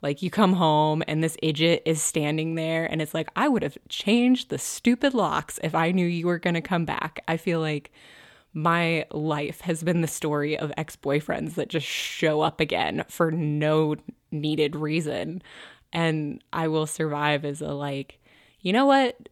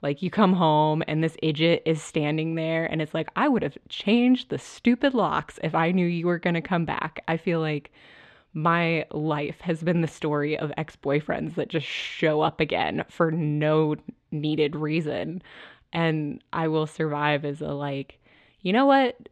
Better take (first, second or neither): first